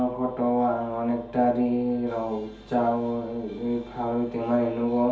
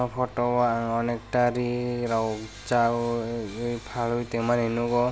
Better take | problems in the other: second | room echo; dies away in 0.5 s

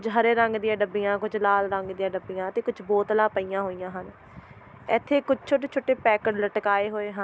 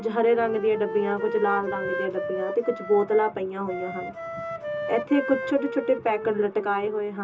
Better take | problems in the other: first | background sound (Wind instrument, woodwind instrument); 8 dB below the speech // room echo; dies away in 0.2 s

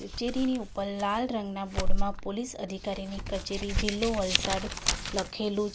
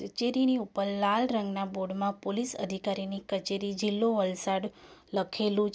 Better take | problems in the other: second | background sound (Crumpling, crinkling); 2 dB above the speech

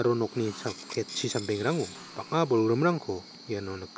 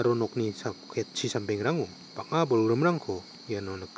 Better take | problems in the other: second | background sound (Tools); 17 dB below the speech

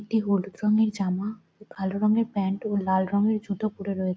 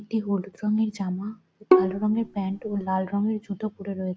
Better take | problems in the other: first | background sound (Bowed string instrument); 3 dB above the speech

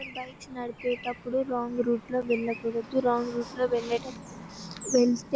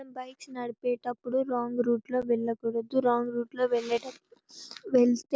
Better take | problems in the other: second | background sound (Traffic noise, roadway noise / Bird); 13 dB below the speech

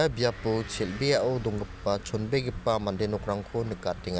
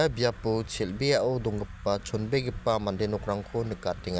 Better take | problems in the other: second | background sound (Motor vehicle (road) / Engine); 19 dB below the speech

